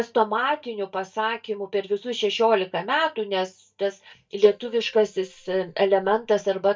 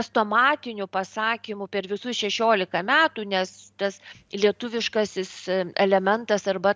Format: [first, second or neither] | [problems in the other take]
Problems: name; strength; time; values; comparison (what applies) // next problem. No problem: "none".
second | noise reduction (neural mask model DeepFilterNet 3)